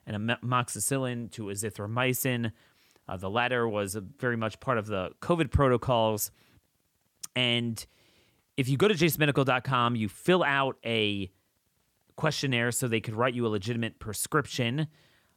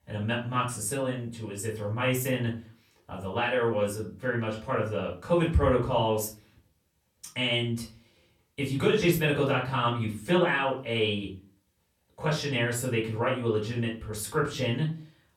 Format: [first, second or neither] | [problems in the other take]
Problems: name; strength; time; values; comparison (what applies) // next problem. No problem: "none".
first | off-mic speech; far // room echo; slight; dies away in 0.3 s